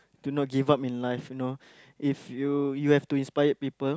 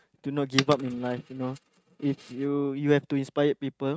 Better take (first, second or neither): first